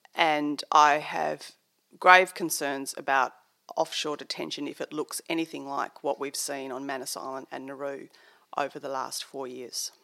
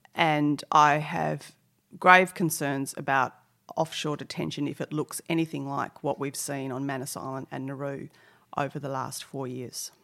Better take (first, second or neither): second